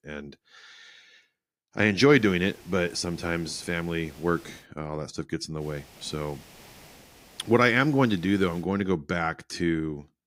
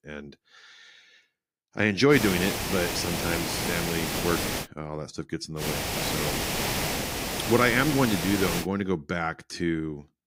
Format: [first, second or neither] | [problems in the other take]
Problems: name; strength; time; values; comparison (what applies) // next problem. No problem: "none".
first | hiss; loud; from 2 to 4.5 s and from 5.5 to 8.5 s; 2 dB below the speech; faint in the first